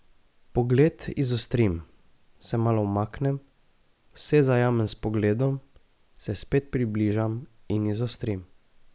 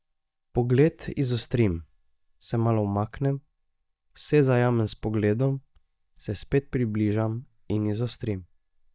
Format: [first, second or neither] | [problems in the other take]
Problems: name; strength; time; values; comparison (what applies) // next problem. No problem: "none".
first | noise reduction (neural mask model DeepFilterNet 3)